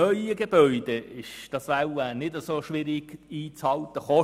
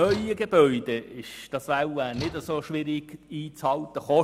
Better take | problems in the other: first | background sound (Slam / Tools); 17 dB below the speech

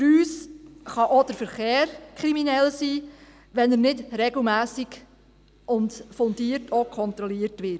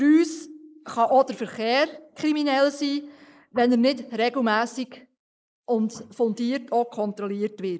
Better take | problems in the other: first | noise reduction (neural mask model Resemble Enhance denoiser)

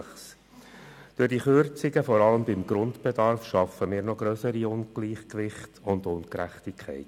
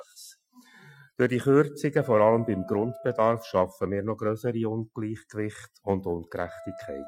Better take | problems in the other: first | noise reduction (classical method Wiener filter)

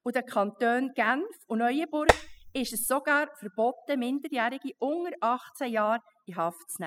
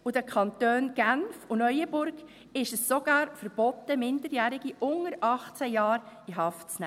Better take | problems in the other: second | noise reduction (classical method spectral subtraction)

